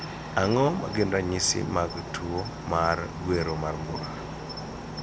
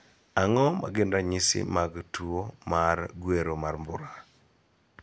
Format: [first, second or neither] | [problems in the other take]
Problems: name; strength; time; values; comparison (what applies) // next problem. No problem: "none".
second | background sound (Cricket); 7 dB below the speech